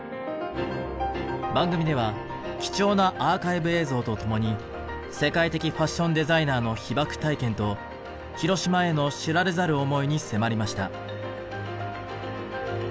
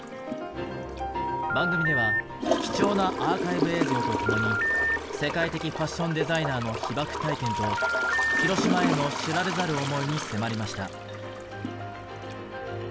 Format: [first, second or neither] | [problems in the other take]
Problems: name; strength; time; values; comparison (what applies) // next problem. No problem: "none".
first | background sound (Toilet flush / Gurgling + Telephone); 1 dB above the speech